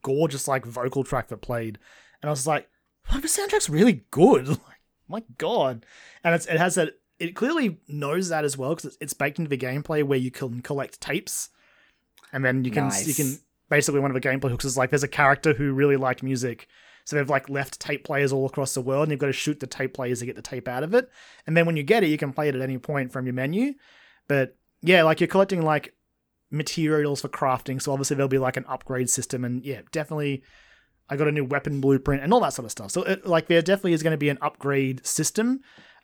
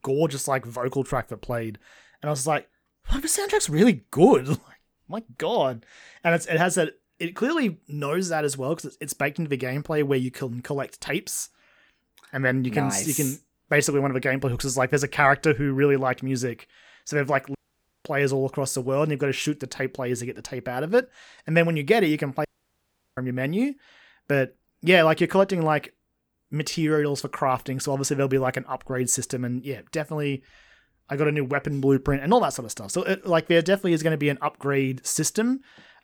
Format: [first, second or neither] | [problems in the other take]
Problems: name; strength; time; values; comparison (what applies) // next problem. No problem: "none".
first | audio cutting out; at 18 s for 0.5 s and at 22 s for 0.5 s